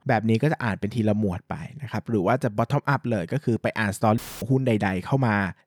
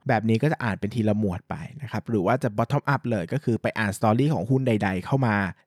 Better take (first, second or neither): second